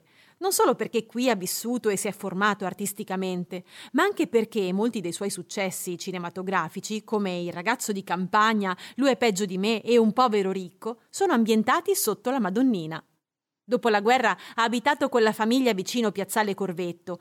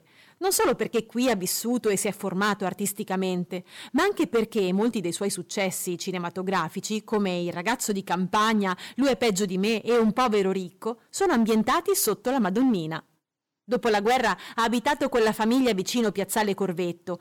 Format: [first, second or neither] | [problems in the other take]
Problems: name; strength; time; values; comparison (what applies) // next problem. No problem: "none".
first | distortion; slight; 8% of the sound clipped